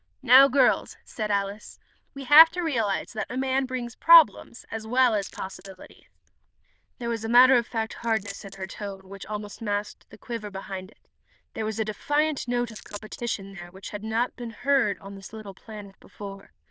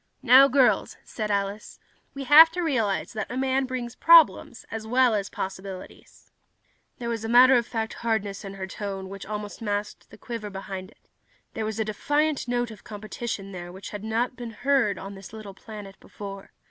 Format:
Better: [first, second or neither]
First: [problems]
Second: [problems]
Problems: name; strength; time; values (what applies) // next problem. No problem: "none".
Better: second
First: noise reduction (neural diffusion model UNIVERSE++)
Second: none